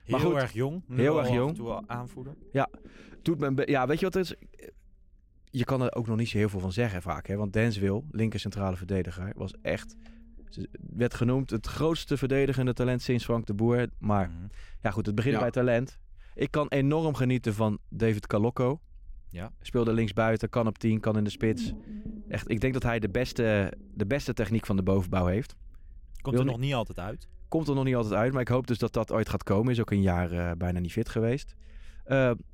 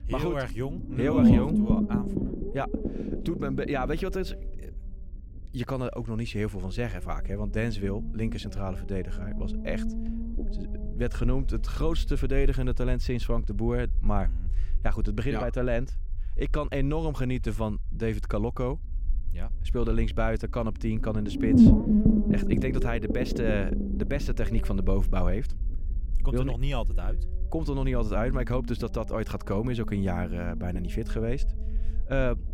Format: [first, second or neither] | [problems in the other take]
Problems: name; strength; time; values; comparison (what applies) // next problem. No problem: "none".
first | low rumble; loud; throughout; as loud as the speech; faint in the first